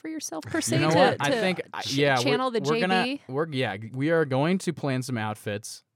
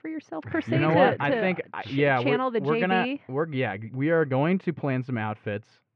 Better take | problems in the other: first | muffled; very; fading above 2.5 kHz

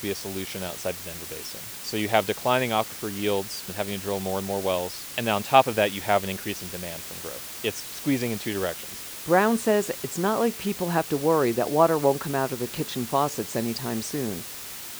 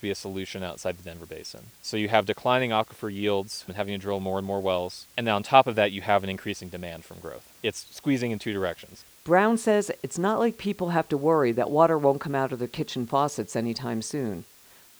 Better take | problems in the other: second | hiss; loud; throughout; 9 dB below the speech; faint in the second

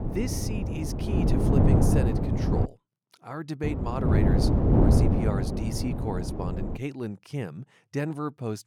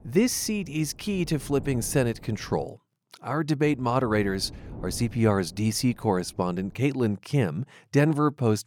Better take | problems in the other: second | wind noise on the microphone; heavy; until 2.5 s and from 3.5 to 7 s; 4 dB above the speech; occasional gusts in the second

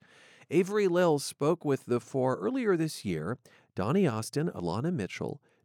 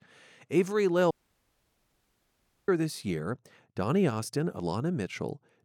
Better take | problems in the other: first | audio cutting out; at 1 s for 1.5 s

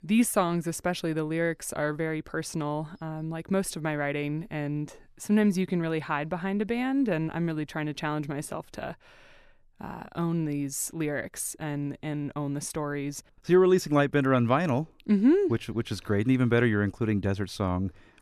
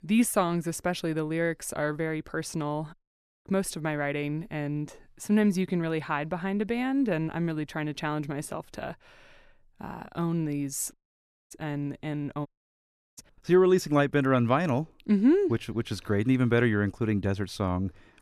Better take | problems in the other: first | audio cutting out; at 3 s for 0.5 s, at 11 s for 0.5 s and at 12 s for 0.5 s

